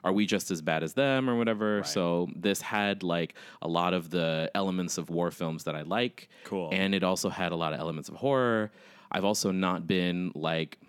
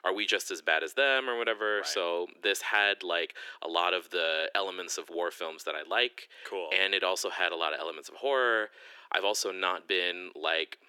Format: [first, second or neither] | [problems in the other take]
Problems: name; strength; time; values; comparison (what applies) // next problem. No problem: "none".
first | thin; very; fading below 350 Hz